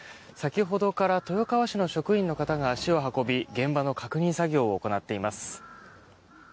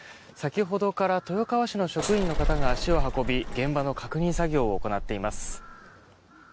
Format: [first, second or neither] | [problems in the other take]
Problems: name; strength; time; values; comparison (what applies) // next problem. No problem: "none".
first | background sound (Bus / Engine); 1 dB below the speech